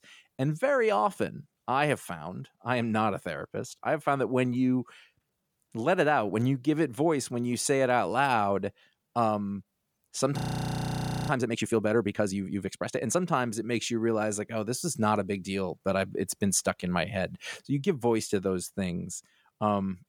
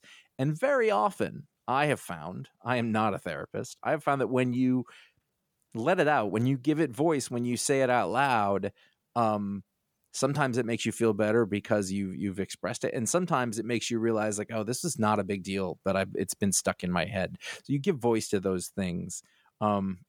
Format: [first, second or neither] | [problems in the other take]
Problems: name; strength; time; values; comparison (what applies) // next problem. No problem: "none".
second | audio freezing; at 10 s for 1 s